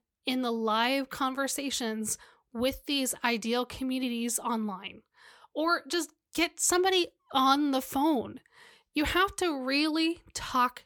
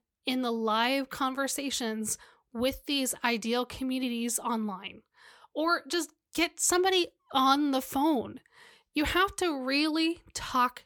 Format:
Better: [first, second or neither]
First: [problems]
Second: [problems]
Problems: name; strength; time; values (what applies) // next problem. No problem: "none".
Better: neither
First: none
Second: none